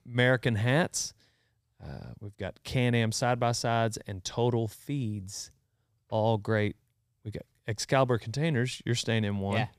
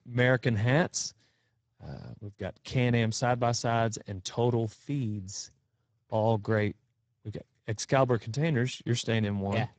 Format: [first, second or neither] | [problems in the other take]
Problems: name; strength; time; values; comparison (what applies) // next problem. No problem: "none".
first | garbled, watery; badly; nothing above 7.5 kHz